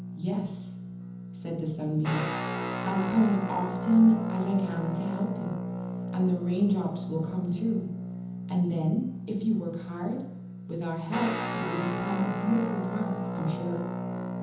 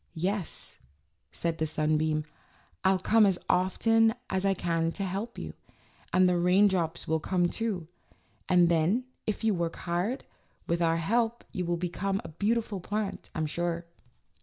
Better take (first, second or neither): second